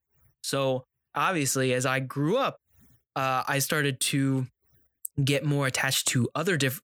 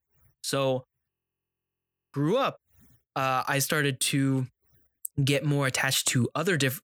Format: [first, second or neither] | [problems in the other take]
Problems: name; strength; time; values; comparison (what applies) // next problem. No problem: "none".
first | audio freezing; at 1 s for 1 s